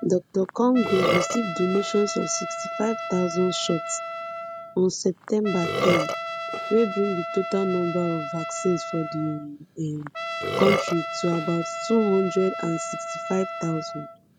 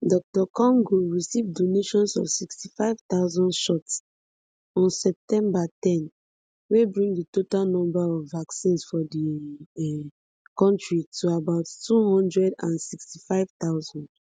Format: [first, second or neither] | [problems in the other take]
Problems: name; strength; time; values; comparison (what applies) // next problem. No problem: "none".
second | background sound (Burping, eructation + Trumpet); 5 dB below the speech